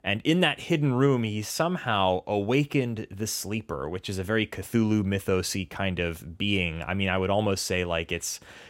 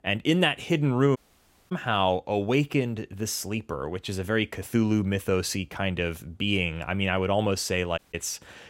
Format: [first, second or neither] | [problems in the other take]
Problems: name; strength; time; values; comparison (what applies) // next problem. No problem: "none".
first | audio cutting out; at 1 s for 0.5 s and at 8 s